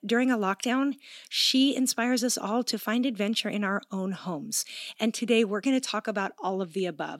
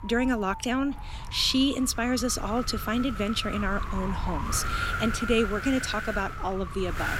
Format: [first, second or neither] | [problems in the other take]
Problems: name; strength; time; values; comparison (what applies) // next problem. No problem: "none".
first | wind noise on the microphone; heavy; 5 dB below the speech